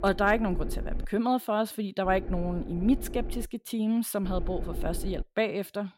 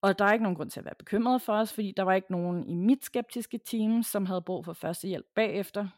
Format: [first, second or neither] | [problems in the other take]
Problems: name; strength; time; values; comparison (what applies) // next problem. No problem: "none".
second | low rumble; noticeable; until 1 s, from 2 to 3.5 s and at 4 s; 15 dB below the speech